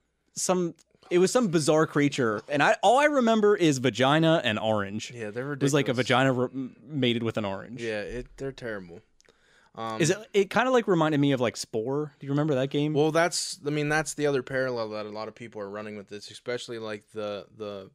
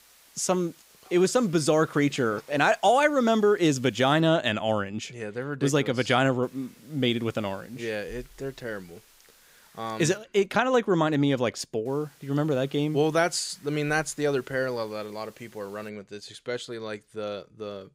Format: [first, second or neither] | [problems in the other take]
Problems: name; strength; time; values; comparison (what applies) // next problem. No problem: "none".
first | hiss; faint; until 4 s, from 6.5 to 10 s and from 12 to 16 s; 30 dB below the speech